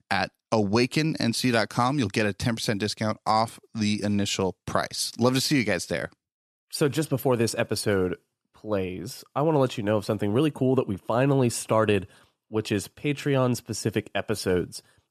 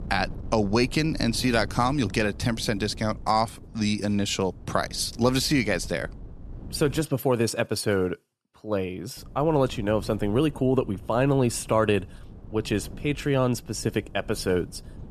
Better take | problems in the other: first | wind noise on the microphone; occasional gusts; until 7 s and from 9 s on; 25 dB below the speech

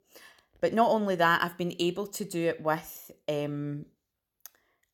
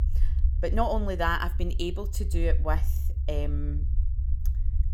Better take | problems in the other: first | low rumble; noticeable; throughout; 20 dB below the speech

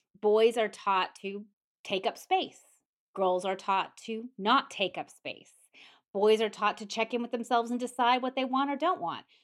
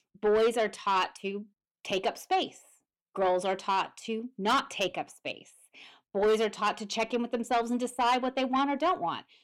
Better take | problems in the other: first | distortion; slight; 10 dB below the speech

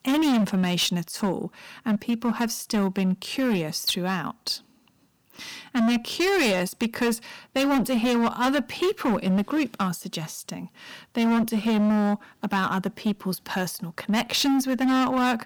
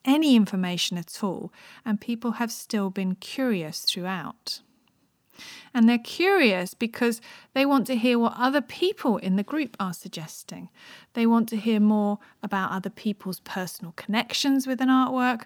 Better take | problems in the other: second | distortion; heavy; 16% of the sound clipped

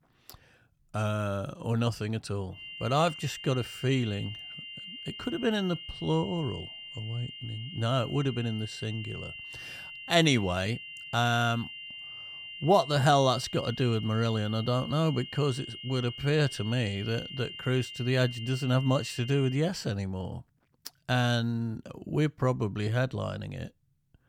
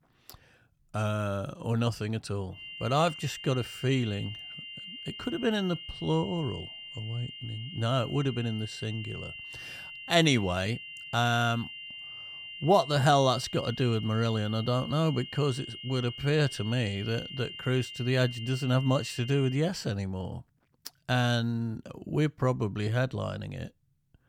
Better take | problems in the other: neither | high-pitched whine; noticeable; from 2.5 to 20 s; 3 kHz, 10 dB below the speech; the same in both

